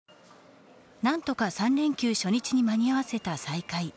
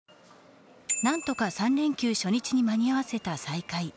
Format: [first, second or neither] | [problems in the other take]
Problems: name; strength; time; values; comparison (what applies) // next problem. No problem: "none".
first | background sound (Bicycle bell); 11 dB below the speech